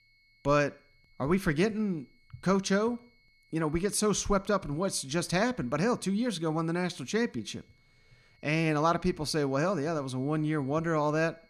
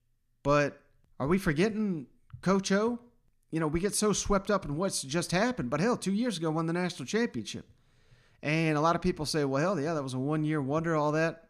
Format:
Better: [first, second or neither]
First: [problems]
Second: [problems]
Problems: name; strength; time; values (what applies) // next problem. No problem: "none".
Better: second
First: high-pitched whine; faint; throughout; 2 kHz, 35 dB below the speech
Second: none